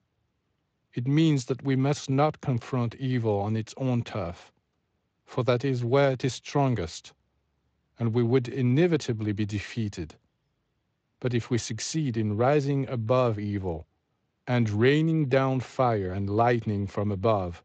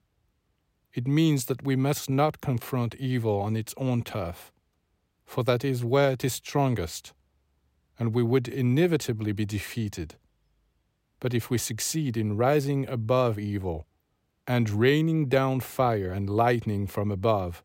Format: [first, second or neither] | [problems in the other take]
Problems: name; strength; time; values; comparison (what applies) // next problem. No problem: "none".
second | garbled, watery; slightly; nothing above 7.5 kHz